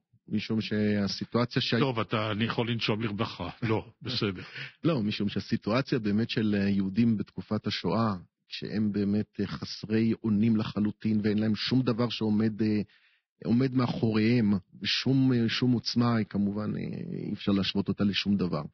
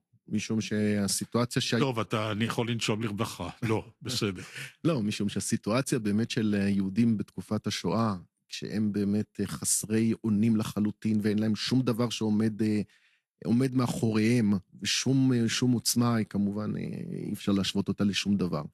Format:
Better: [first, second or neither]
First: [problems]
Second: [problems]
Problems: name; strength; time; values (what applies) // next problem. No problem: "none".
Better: second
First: garbled, watery; badly; nothing above 5.5 kHz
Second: garbled, watery; slightly; nothing above 12.5 kHz